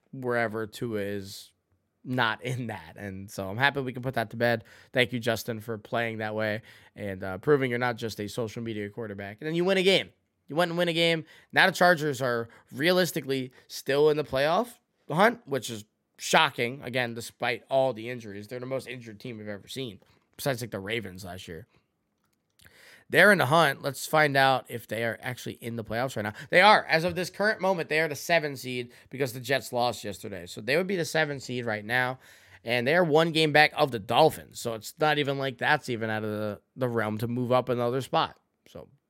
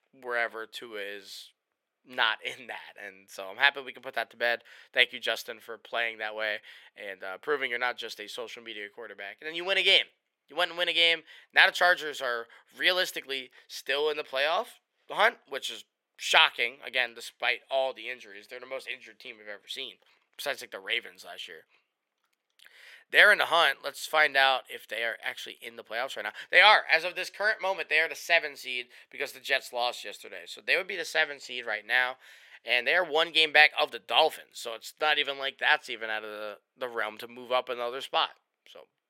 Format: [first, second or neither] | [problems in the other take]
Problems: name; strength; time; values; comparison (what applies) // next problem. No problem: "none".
first | thin; very; fading below 550 Hz